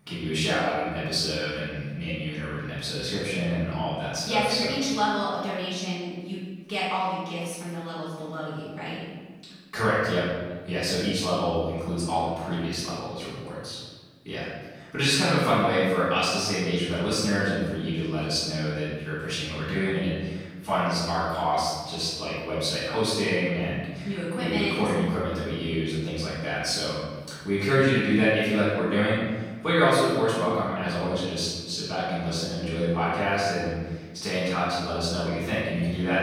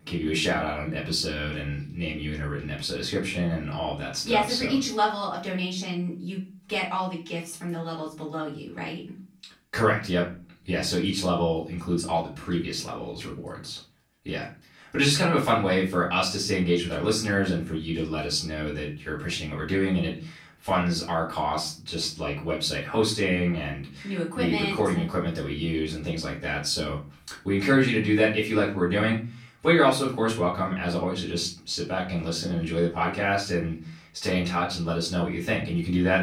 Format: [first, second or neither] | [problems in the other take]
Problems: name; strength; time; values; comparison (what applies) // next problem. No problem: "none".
second | room echo; strong; dies away in 1.3 s; slight in the second // off-mic speech; far; far in the second